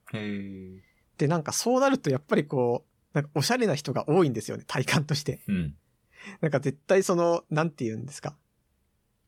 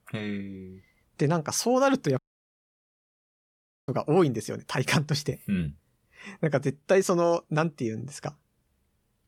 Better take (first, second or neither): first